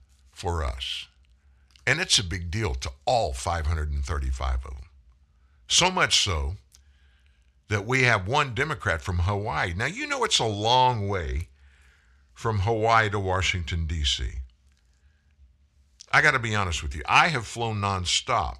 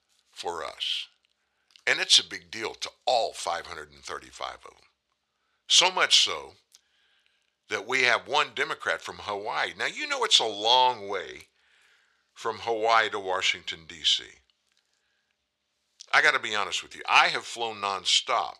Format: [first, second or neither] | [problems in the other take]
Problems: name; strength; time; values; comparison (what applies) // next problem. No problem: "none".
first | thin; very; fading below 450 Hz